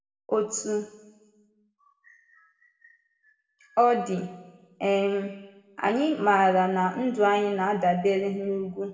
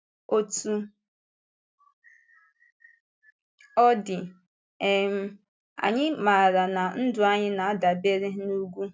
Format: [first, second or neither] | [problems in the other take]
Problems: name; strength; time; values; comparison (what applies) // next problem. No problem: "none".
second | room echo; dies away in 0.9 s